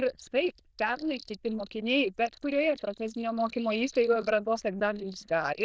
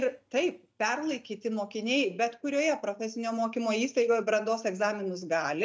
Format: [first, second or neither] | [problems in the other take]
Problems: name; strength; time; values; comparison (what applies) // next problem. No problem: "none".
second | noise reduction (neural diffusion model UNIVERSE++)